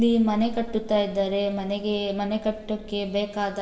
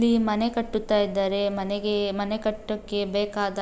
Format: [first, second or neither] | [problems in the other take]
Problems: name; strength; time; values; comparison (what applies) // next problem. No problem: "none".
second | room echo; dies away in 1.6 s